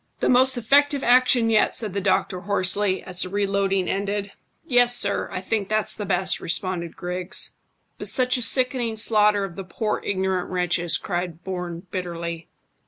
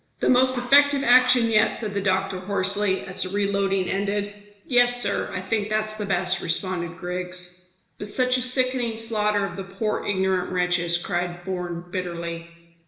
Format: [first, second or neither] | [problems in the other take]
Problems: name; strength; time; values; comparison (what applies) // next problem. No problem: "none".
first | background sound (Bark); 16 dB below the speech // room echo; dies away in 0.9 s